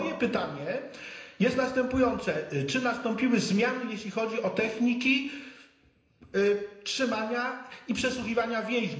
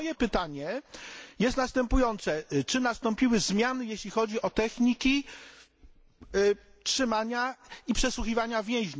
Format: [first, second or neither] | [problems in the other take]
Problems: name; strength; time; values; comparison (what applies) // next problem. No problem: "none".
second | room echo; dies away in 0.9 s